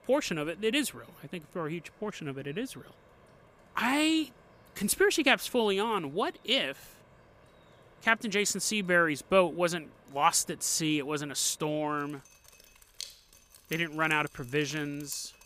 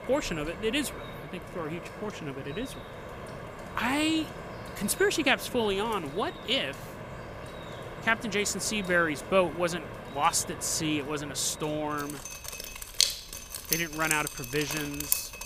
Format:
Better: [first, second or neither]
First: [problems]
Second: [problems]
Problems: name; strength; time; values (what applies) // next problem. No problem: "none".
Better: first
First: rain or running water; faint; throughout; 25 dB below the speech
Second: rain or running water; loud; throughout; 7 dB below the speech